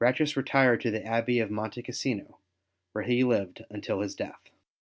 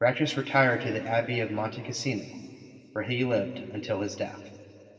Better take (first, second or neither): first